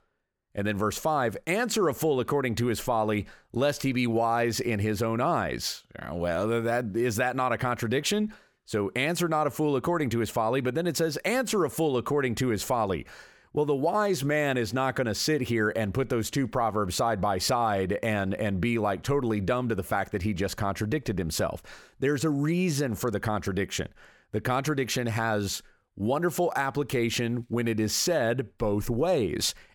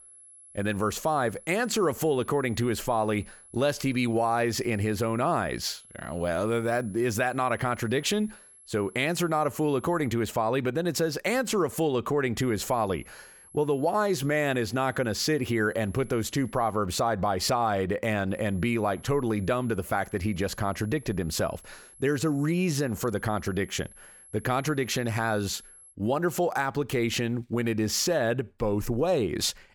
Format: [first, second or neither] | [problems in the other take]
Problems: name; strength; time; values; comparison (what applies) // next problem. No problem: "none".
first | high-pitched whine; faint; until 10 s, from 12 to 17 s and from 18 to 26 s; 11 kHz, 20 dB below the speech